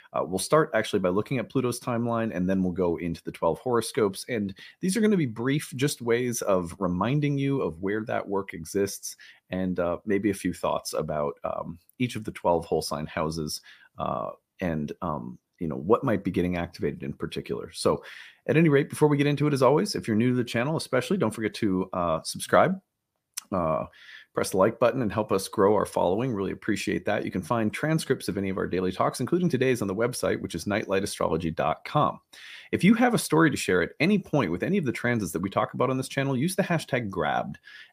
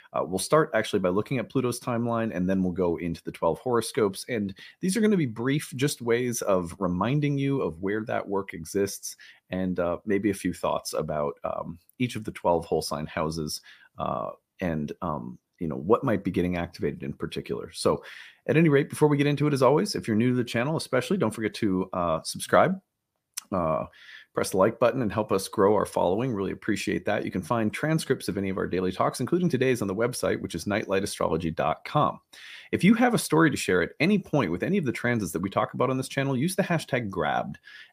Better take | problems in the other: neither | none

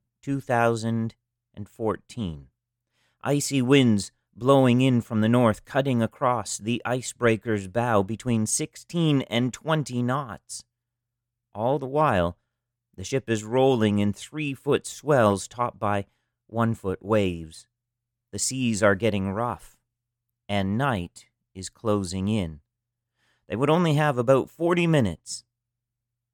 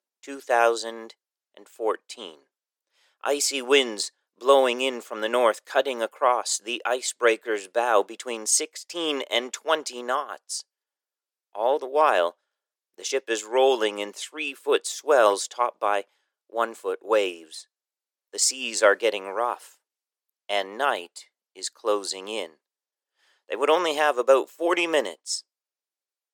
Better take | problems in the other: first | thin; very; fading below 400 Hz

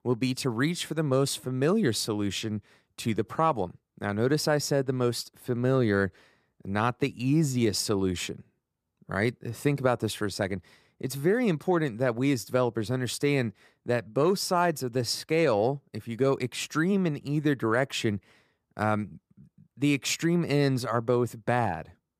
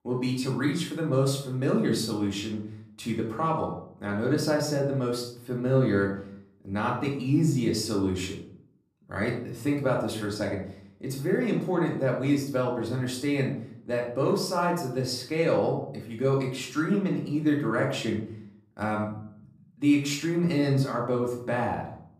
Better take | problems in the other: first | off-mic speech; far // room echo; noticeable; dies away in 0.5 s

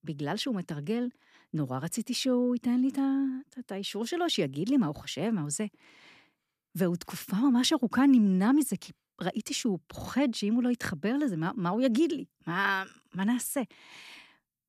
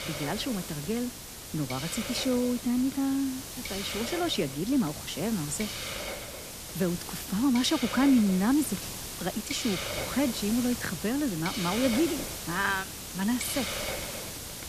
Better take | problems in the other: first | hiss; loud; throughout; 6 dB below the speech

